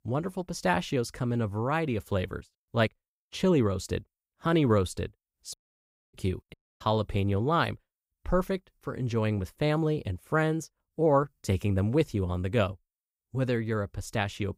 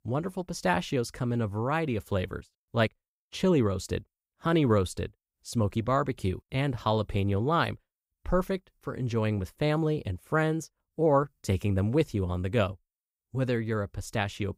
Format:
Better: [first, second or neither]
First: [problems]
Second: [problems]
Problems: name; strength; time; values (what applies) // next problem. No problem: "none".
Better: second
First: audio cutting out; at 5.5 s for 0.5 s and at 6.5 s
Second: none